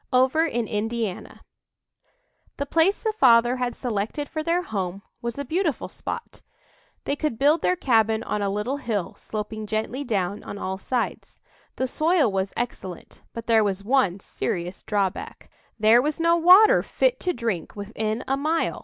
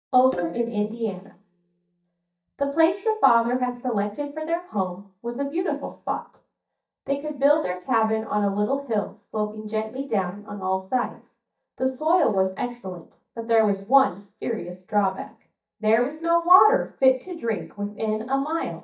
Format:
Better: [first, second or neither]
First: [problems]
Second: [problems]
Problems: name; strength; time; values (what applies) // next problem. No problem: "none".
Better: first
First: none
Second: noise reduction (neural mask model DeepFilterNet 3)